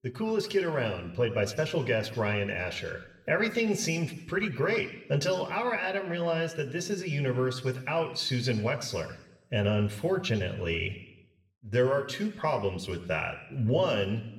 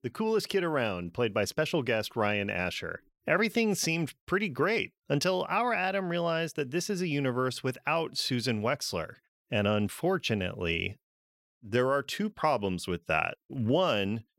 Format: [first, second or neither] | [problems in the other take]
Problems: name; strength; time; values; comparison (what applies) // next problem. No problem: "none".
second | room echo; slight; dies away in 0.8 s // off-mic speech; somewhat distant